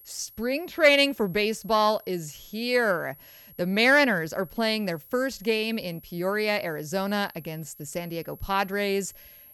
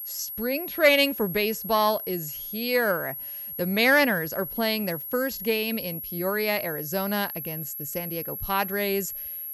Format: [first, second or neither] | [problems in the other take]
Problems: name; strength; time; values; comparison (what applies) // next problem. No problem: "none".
first | high-pitched whine; loud; throughout; 11.5 kHz, 7 dB below the speech; faint in the first